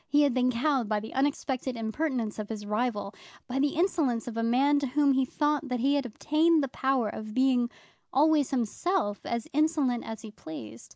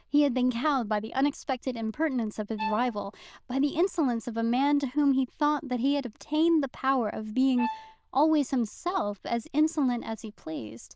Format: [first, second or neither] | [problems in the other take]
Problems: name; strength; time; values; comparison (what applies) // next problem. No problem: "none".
first | noise reduction (neural diffusion model UNIVERSE++)